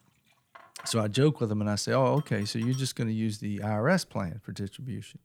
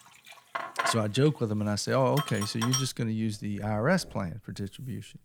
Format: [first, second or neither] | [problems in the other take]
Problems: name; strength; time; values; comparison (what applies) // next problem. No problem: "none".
first | household noises; loud; throughout; 4 dB below the speech; faint in the first